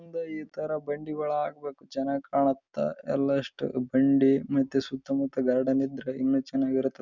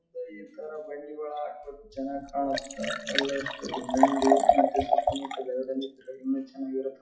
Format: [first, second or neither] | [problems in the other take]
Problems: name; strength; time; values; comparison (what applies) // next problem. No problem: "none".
first | noise reduction (classical method WPE with log-MMSE)